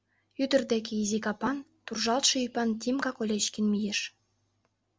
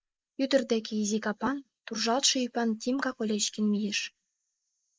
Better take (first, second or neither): first